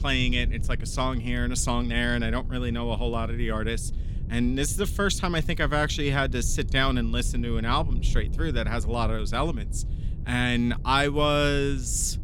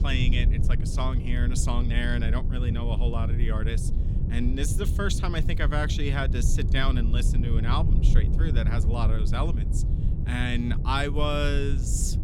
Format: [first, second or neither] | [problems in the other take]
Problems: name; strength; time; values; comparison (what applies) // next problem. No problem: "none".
first | low rumble; loud; throughout; 9 dB below the speech; faint in the first